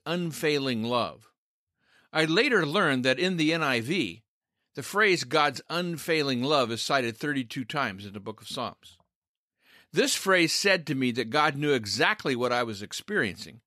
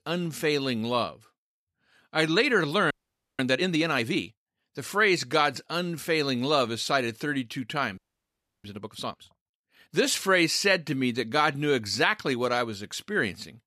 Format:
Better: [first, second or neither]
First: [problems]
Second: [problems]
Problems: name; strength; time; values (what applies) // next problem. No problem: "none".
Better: first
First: none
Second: audio freezing; at 3 s and at 8 s for 0.5 s